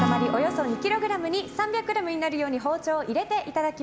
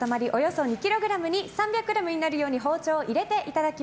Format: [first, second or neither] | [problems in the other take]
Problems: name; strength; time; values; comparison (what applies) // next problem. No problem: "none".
second | background sound (Acoustic guitar / Strum); 7 dB below the speech